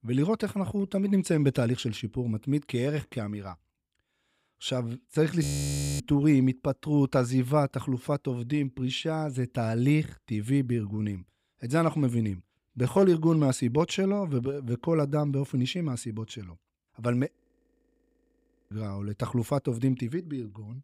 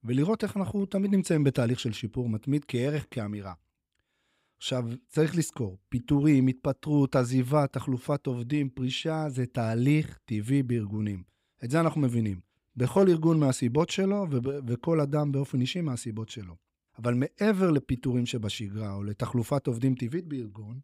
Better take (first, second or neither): second